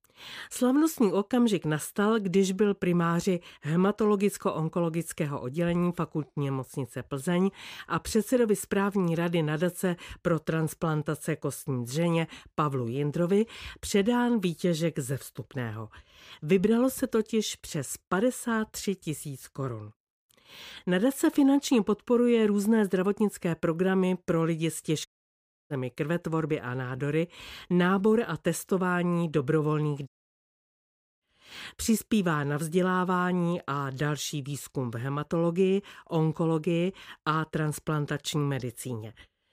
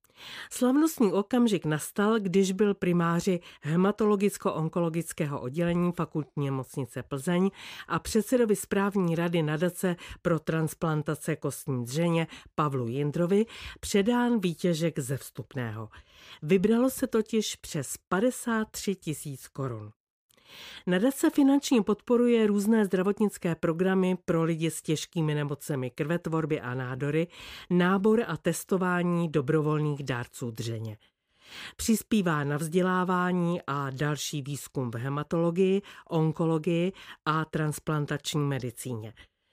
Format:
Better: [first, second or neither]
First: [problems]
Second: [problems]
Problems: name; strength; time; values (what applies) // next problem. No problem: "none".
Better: second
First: audio cutting out; at 25 s for 0.5 s and at 30 s for 1 s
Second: none